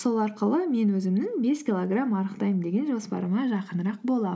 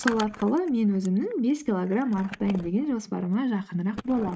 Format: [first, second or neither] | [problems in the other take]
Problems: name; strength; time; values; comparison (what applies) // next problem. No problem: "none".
first | noise reduction (neural mask model RNNoise)